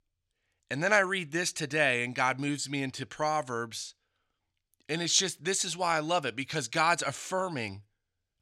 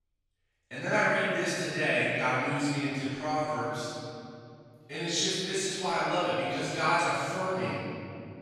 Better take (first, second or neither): first